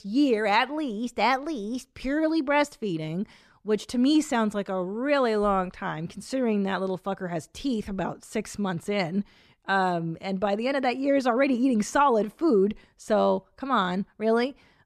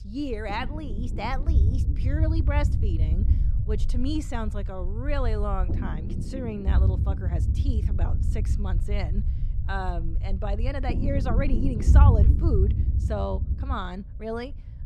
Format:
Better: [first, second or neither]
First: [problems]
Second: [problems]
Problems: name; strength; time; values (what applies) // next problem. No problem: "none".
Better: first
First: none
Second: low rumble; loud; throughout; 7 dB below the speech